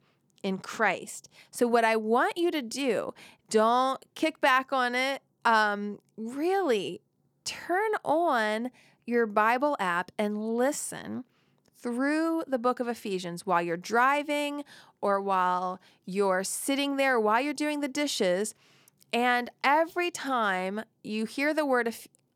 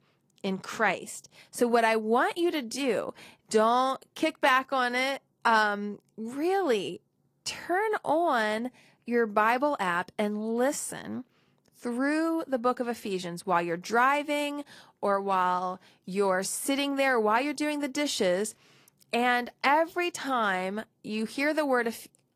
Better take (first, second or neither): first